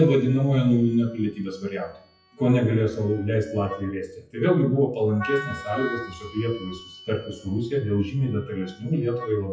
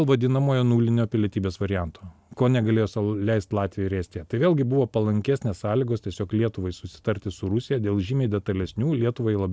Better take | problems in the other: second | noise reduction (classical method WPE with log-MMSE)

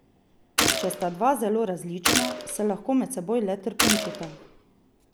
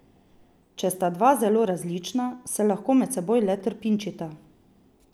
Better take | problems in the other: second | background sound (Gunshot, gunfire); as loud as the speech

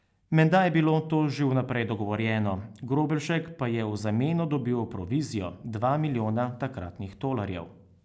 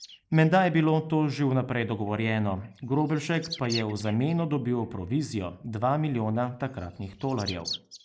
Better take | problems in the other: first | noise reduction (neural mask model Resemble Enhance denoiser)

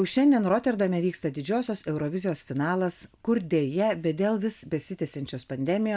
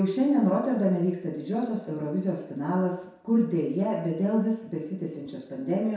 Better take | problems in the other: first | room echo; dies away in 0.7 s

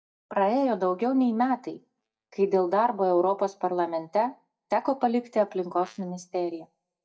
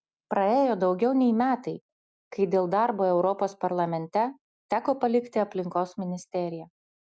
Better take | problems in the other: second | noise reduction (neural mask model DeepFilterNet 3)

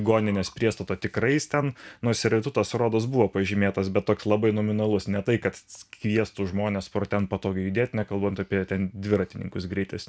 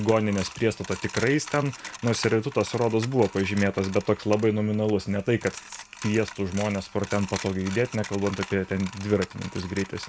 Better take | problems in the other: first | background sound (Coin (dropping)); 15 dB below the speech

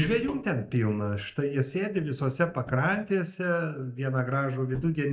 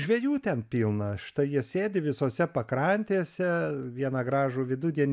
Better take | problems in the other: second | noise reduction (neural mask model DeepFilterNet 3)

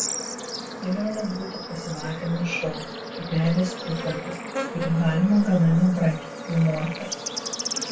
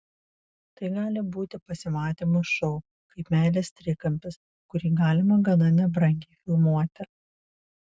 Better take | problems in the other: second | background sound (Bird / Insect); 7 dB below the speech // room echo; dies away in 0.2 s

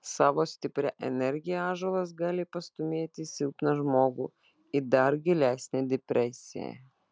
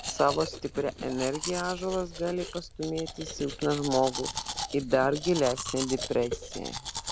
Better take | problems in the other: first | background sound (Domestic sounds, home sounds); 8 dB below the speech

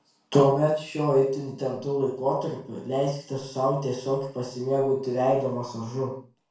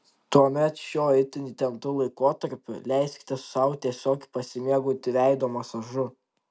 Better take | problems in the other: second | room echo; dies away in 0.4 s

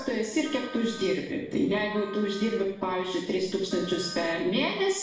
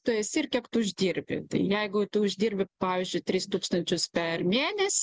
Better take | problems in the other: second | background sound (Wind instrument, woodwind instrument); 18 dB below the speech // room echo; dies away in 0.7 s

